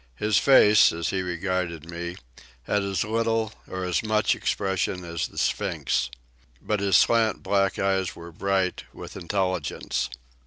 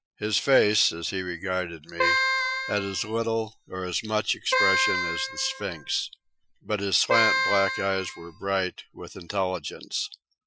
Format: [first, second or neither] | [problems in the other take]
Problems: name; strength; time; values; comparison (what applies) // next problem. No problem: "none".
first | noise reduction (classical method Wiener filter)